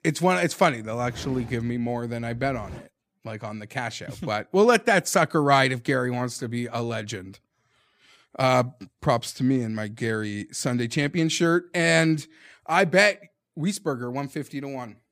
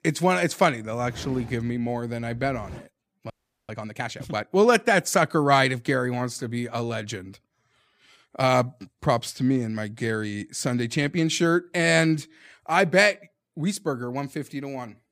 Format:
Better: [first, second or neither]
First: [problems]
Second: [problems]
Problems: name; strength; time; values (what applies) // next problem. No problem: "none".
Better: first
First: none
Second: audio freezing; at 3.5 s